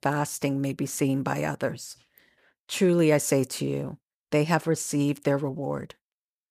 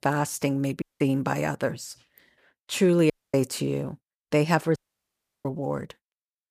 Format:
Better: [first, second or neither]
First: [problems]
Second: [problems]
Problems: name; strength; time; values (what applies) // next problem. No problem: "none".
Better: first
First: none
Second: audio cutting out; at 1 s, at 3 s and at 5 s for 0.5 s